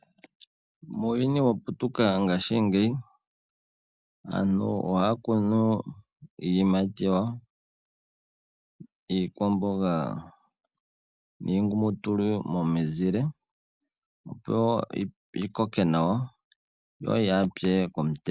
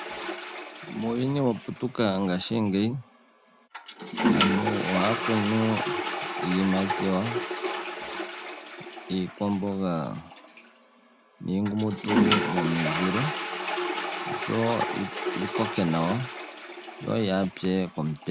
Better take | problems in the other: first | background sound (Toilet flush); 3 dB below the speech

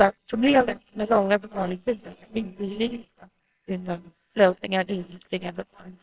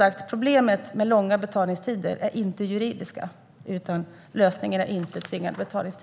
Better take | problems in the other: second | noise reduction (neural separator model SepFormer WHAMR!)

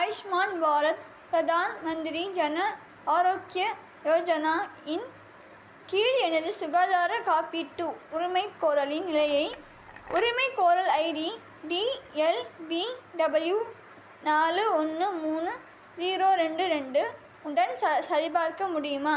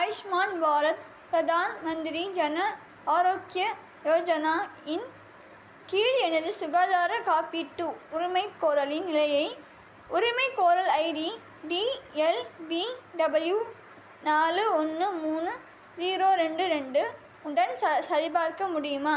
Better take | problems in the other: second | background sound (Chink, clink); 18 dB below the speech

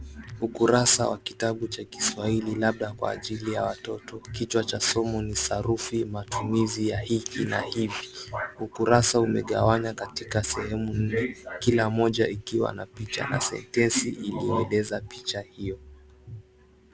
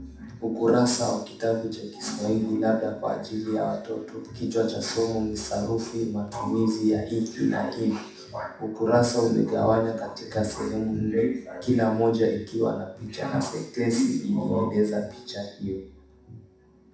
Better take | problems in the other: first | room echo; dies away in 0.7 s

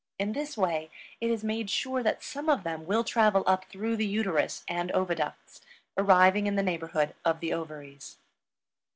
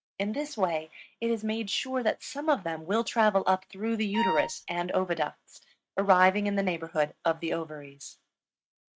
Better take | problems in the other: first | noise reduction (neural mask model RNNoise)

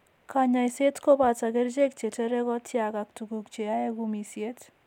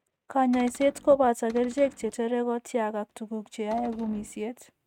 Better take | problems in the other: first | noise reduction (neural mask model RNNoise)

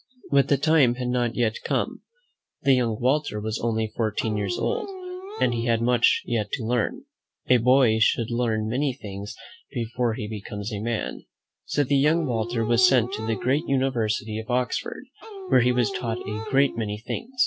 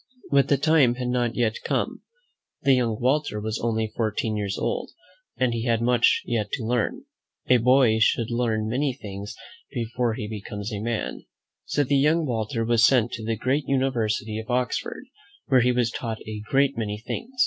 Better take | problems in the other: second | background sound (Dog); 9 dB below the speech

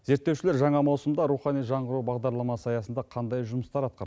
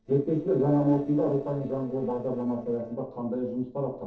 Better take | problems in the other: first | noise reduction (neural separator model SepFormer DNS4)

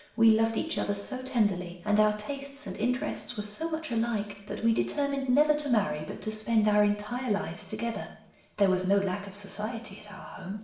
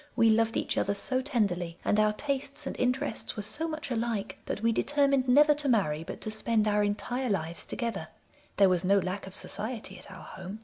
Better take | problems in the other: second | room echo; dies away in 0.7 s

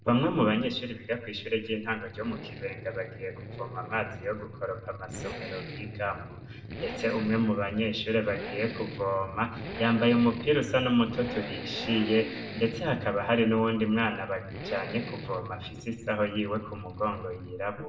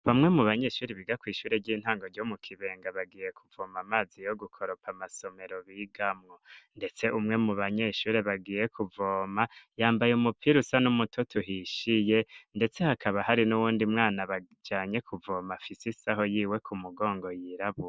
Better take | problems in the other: second | background sound (Accelerating, revving, vroom); 11 dB below the speech // room echo; dies away in 0.6 s

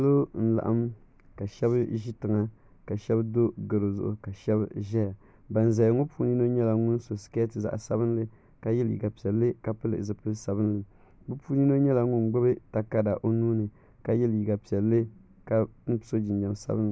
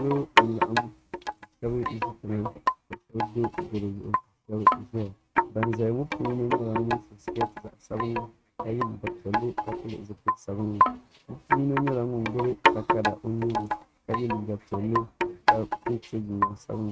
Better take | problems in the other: first | noise reduction (neural mask model RNNoise)

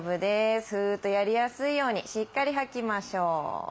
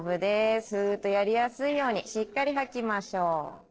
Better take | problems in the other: first | noise reduction (neural separator model SepFormer DNS4)

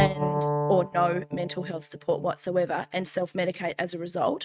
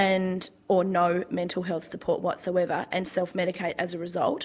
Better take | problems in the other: second | noise reduction (neural mask model RNNoise)

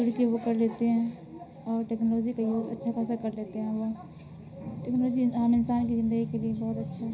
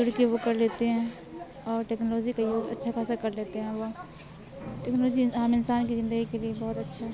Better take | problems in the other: second | room echo; dies away in 0.4 s

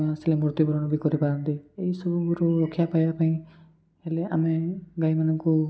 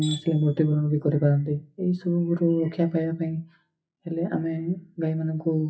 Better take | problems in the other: first | noise reduction (classical method WPE with log-MMSE)

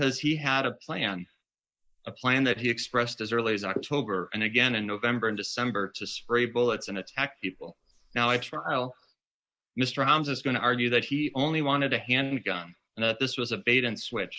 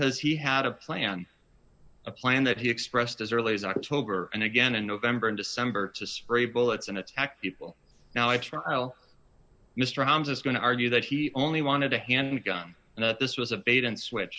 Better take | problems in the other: second | noise reduction (neural mask model Resemble Enhance denoiser)

